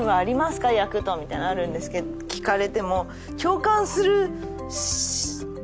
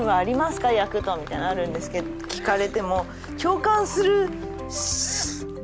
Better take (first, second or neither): first